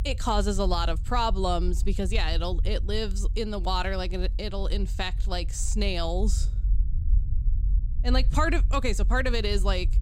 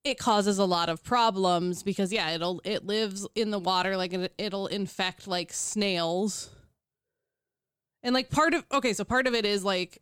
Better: second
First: low rumble; faint; throughout; 20 dB below the speech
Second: none

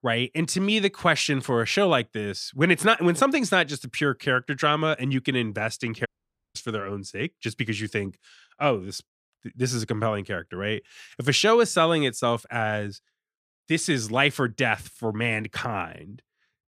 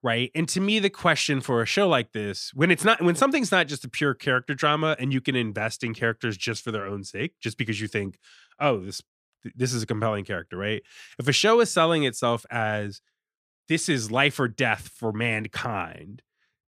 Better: second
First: audio cutting out; at 6 s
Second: none

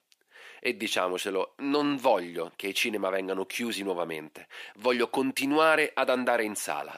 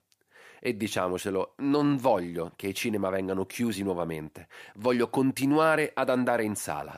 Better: second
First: thin; very slightly; fading below 300 Hz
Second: none

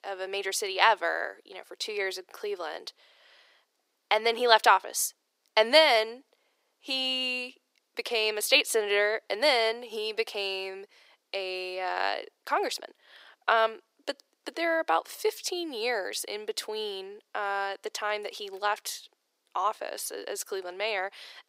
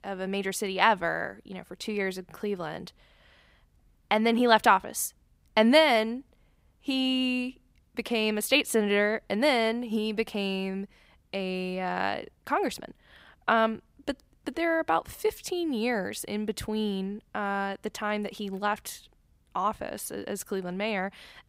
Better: second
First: thin; very; fading below 350 Hz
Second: none

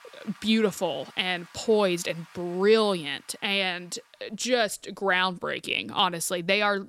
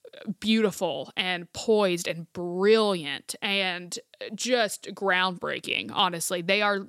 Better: second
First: rain or running water; faint; throughout; 25 dB below the speech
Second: none

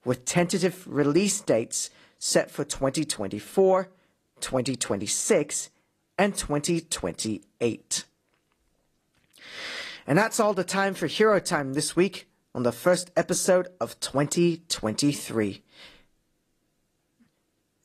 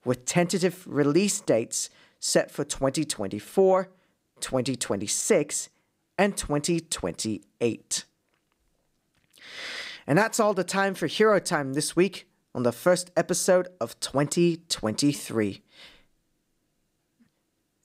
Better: second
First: garbled, watery; slightly; nothing above 14.5 kHz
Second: none

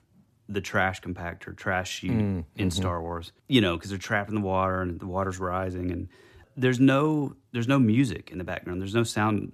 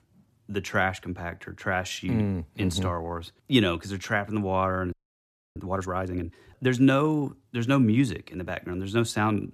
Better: first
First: none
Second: audio freezing; at 5 s for 0.5 s

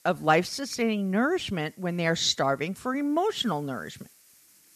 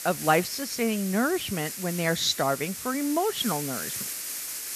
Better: first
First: hiss; faint; throughout; 30 dB below the speech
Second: hiss; loud; throughout; 6 dB below the speech

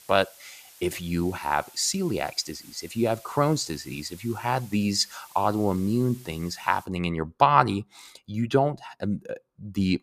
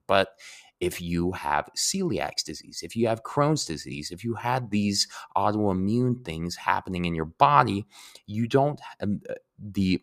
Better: second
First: hiss; faint; until 7 s; 20 dB below the speech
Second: none

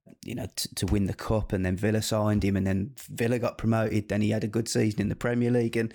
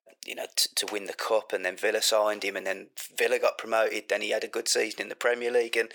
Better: first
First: none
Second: thin; very; fading below 500 Hz

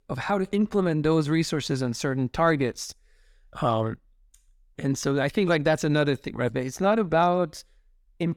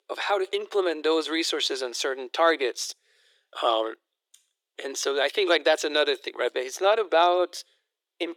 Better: first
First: none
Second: thin; very; fading below 350 Hz

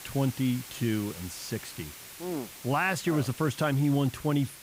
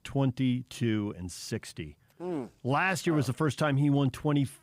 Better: second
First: hiss; noticeable; throughout; 15 dB below the speech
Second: none

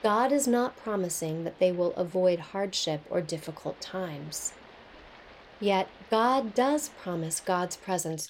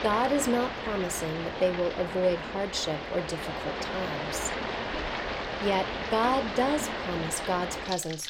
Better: first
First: rain or running water; faint; throughout; 25 dB below the speech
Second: rain or running water; loud; throughout; 4 dB below the speech

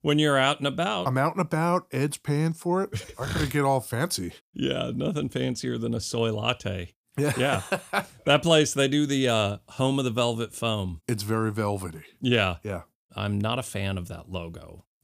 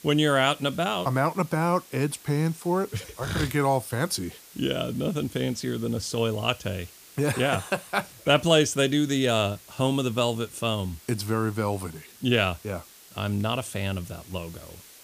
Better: first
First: none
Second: hiss; faint; throughout; 20 dB below the speech

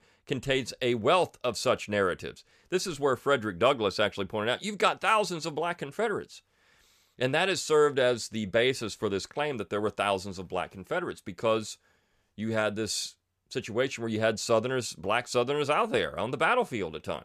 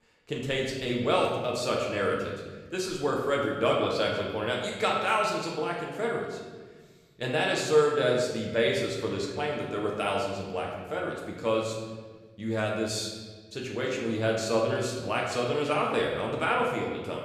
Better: first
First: none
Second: room echo; noticeable; dies away in 1.4 s // off-mic speech; far

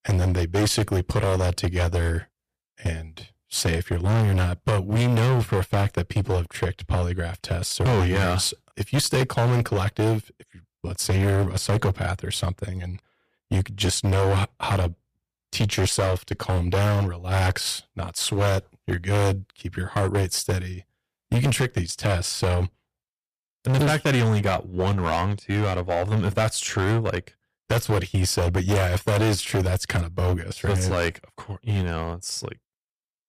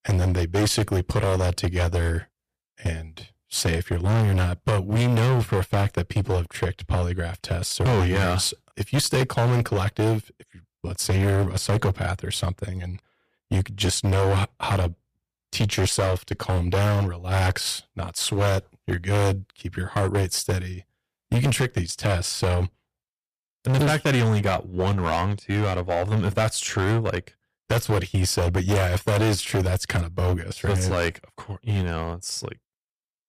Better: neither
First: distortion; heavy; 14% of the sound clipped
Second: distortion; heavy; 14% of the sound clipped

